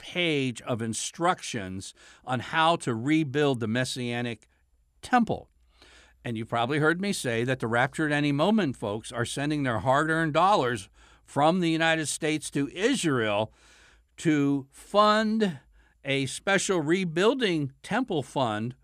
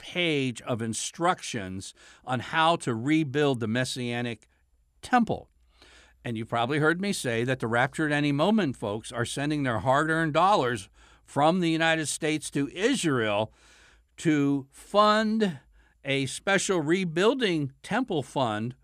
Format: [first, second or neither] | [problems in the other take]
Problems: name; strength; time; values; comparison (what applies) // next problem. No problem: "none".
neither | none